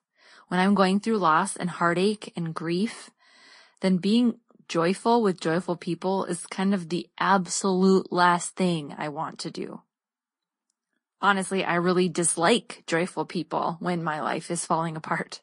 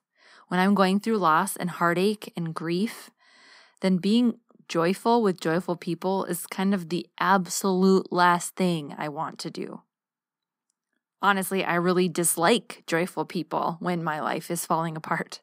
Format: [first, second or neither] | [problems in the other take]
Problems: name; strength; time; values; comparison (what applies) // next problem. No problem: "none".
second | garbled, watery; slightly; nothing above 10.5 kHz